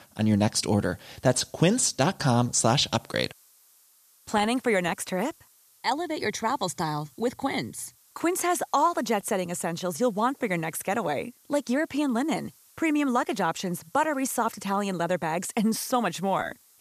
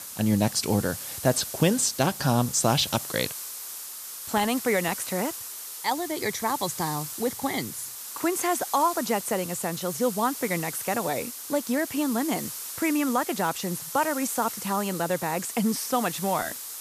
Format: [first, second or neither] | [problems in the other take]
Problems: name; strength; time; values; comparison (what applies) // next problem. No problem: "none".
first | hiss; loud; throughout; 7 dB below the speech; faint in the first